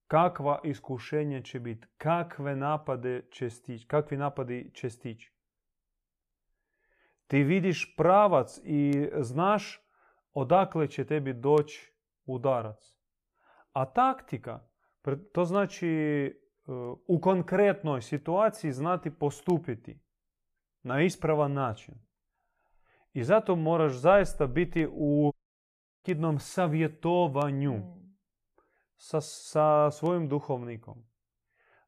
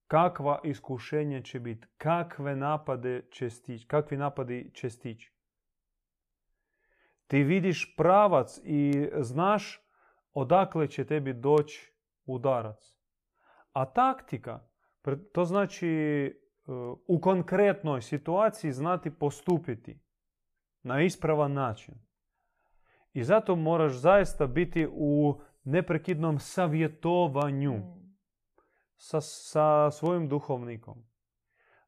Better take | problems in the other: second | audio cutting out; at 25 s for 0.5 s

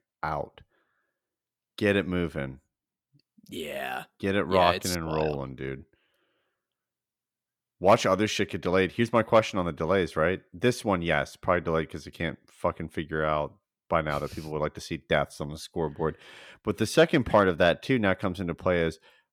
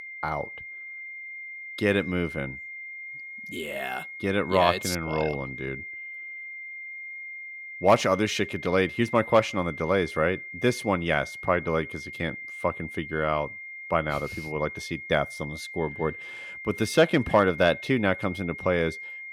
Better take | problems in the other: first | high-pitched whine; noticeable; throughout; 2 kHz, 10 dB below the speech

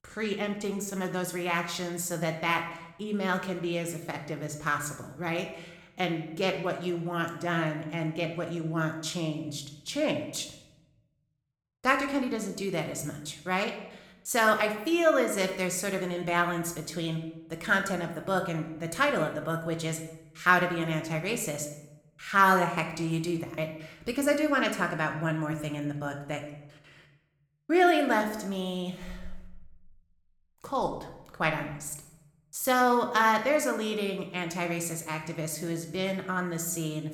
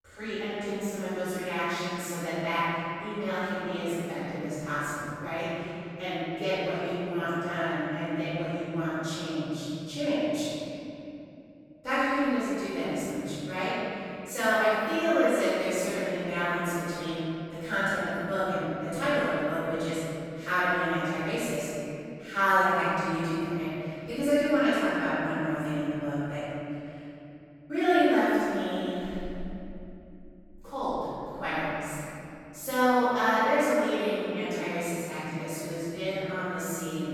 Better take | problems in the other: first | room echo; strong; dies away in 3 s; slight in the first // off-mic speech; far

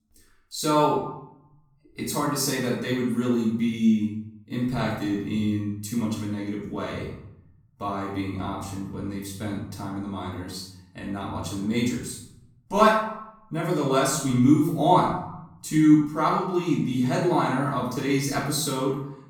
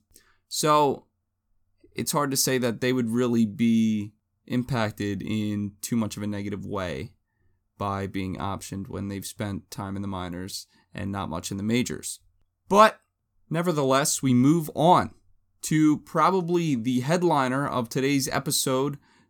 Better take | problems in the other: second | off-mic speech; far // room echo; noticeable; dies away in 0.6 s

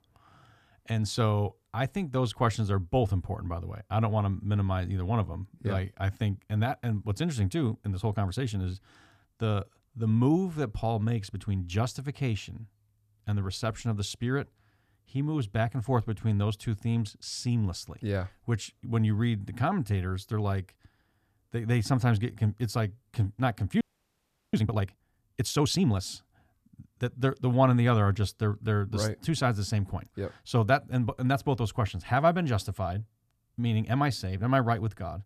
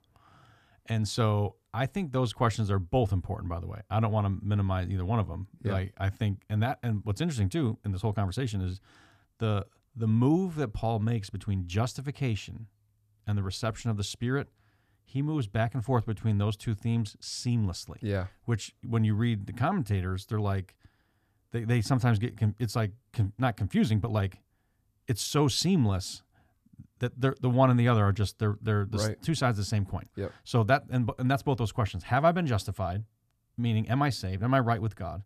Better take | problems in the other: second | audio freezing; at 24 s for 0.5 s

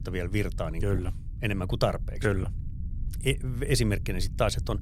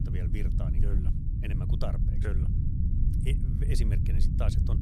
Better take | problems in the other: first | low rumble; loud; throughout; 1 dB below the speech; faint in the first

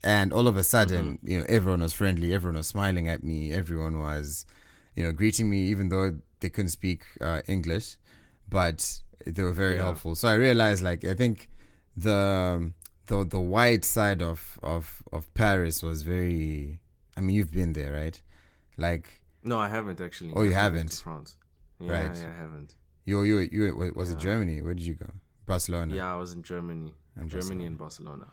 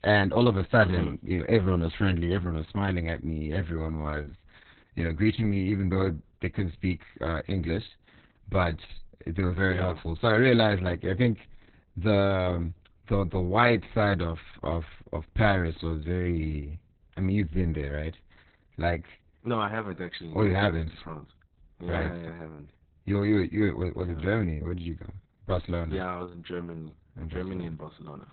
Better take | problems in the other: first | garbled, watery; badly; nothing above 4 kHz; slightly in the first

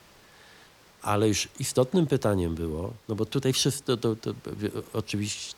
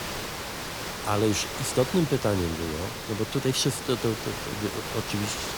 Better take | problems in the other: first | hiss; loud; throughout; 5 dB below the speech; faint in the first

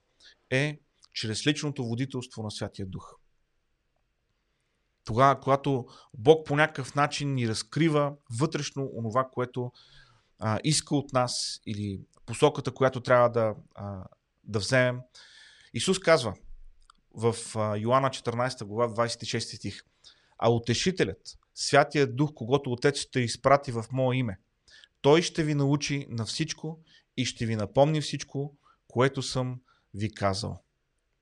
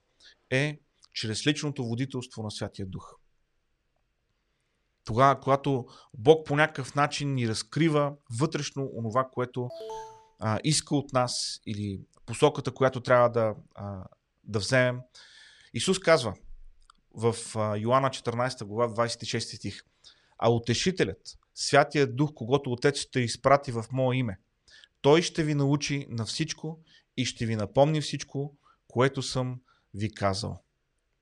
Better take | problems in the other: first | alarm; faint; at 9.5 s; peak 10 dB below the speech

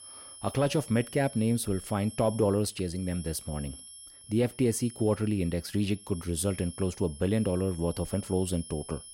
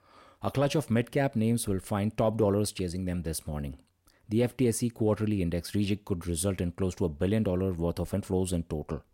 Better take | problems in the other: second | high-pitched whine; noticeable; throughout; 11 kHz, 15 dB below the speech

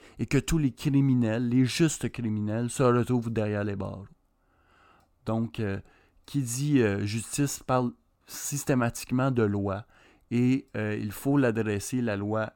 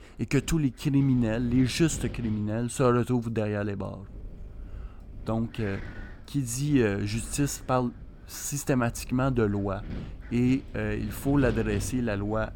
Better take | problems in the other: first | wind noise on the microphone; occasional gusts; 20 dB below the speech

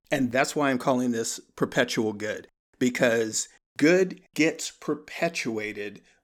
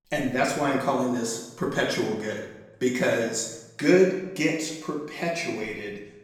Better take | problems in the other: first | room echo; noticeable; dies away in 0.8 s // off-mic speech; far

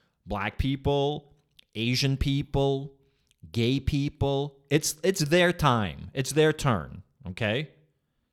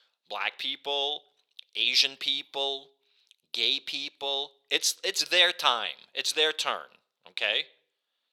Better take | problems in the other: first | thin; very; fading below 550 Hz

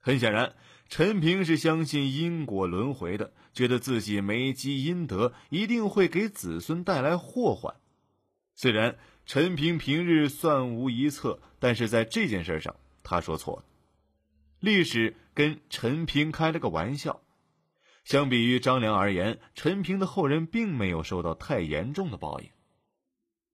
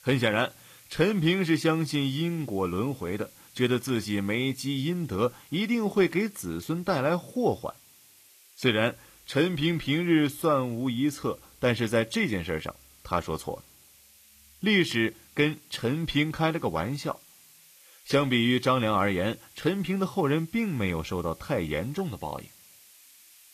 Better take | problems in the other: first | hiss; faint; throughout; 25 dB below the speech

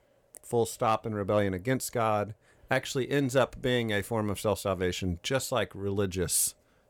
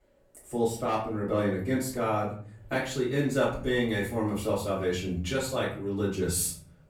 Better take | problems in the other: first | off-mic speech; far // room echo; slight; dies away in 0.5 s

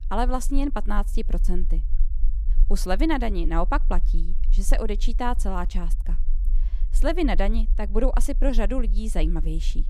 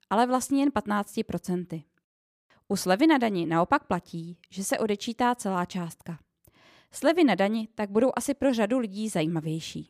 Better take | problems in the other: second | low rumble; faint; throughout; 25 dB below the speech

